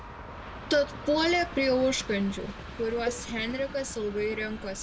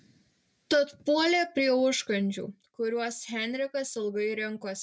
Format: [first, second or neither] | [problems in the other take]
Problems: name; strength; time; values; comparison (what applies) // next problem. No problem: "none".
second | background sound (Train + Cowbell); 10 dB below the speech